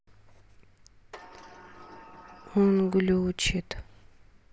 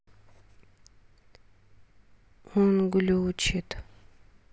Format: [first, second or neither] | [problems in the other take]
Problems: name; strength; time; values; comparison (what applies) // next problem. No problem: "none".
second | background sound (Sliding door); 20 dB below the speech